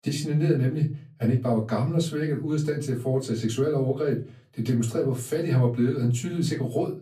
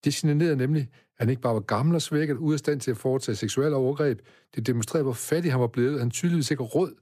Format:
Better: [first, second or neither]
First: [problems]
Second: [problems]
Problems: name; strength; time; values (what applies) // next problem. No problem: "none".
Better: second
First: off-mic speech; far // room echo; very slight; dies away in 0.3 s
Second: none